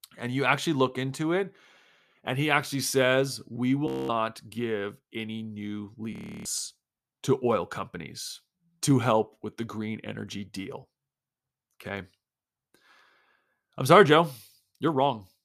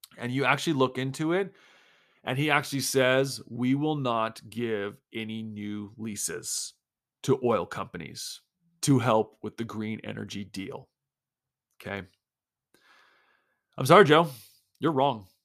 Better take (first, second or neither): second